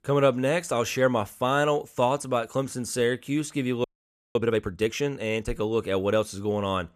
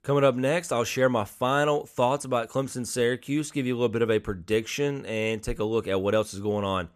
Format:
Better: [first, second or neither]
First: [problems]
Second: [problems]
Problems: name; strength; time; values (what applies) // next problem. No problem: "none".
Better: second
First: audio freezing; at 4 s for 0.5 s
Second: none